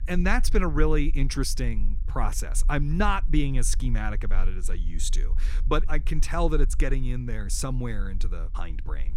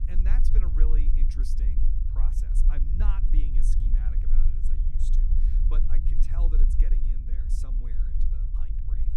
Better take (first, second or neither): first